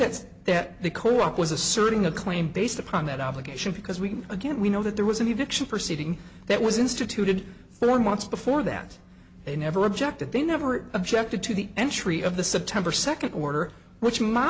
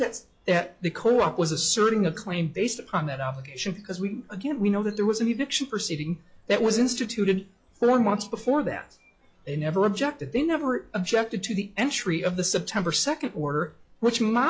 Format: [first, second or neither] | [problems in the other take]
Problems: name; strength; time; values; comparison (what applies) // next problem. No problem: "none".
first | noise reduction (classical method log-MMSE)